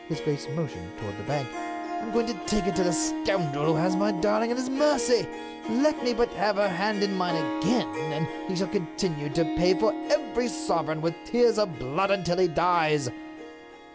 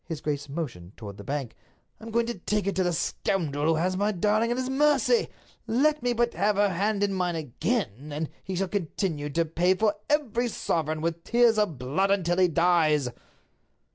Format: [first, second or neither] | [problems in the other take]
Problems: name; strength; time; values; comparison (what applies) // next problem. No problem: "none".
second | background sound (Harp); 7 dB below the speech